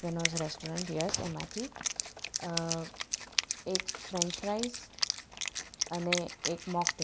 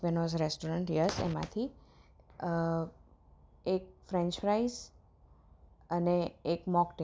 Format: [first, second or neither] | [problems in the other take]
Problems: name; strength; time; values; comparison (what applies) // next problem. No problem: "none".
second | background sound (Wind instrument, woodwind instrument); as loud as the speech